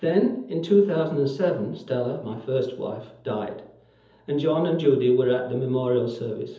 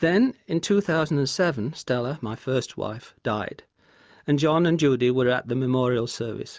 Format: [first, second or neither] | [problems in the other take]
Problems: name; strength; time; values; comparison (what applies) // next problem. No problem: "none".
second | room echo; dies away in 0.7 s